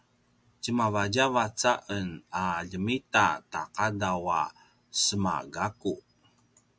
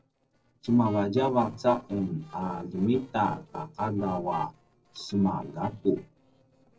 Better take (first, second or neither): first